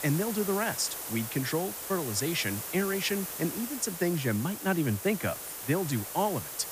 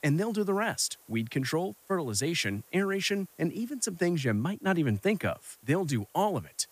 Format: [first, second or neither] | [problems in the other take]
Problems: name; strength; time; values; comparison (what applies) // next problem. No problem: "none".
second | hiss; loud; throughout; 5 dB below the speech; faint in the second